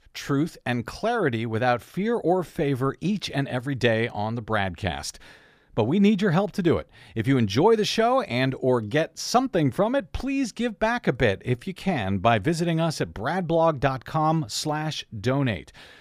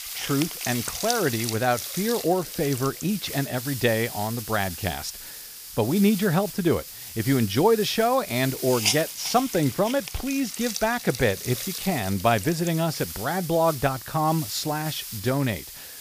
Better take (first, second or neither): first